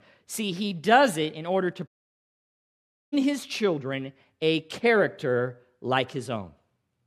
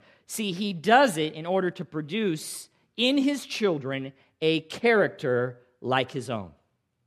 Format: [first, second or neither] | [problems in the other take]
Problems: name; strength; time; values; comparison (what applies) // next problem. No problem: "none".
second | audio cutting out; at 2 s for 1 s